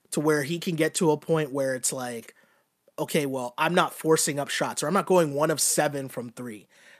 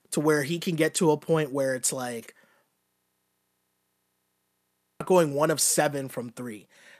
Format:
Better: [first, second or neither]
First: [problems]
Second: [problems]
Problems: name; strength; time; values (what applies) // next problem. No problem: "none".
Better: first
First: none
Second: audio freezing; at 3 s for 2 s